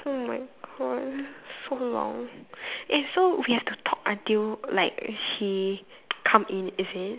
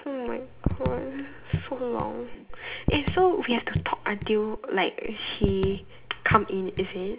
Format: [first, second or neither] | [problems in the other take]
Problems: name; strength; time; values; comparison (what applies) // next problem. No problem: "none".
first | background sound (Raindrop / Drip); 5 dB below the speech // room echo; dies away in 0.3 s